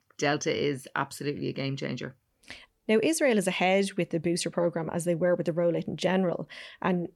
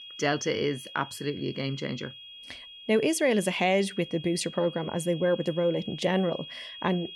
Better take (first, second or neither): first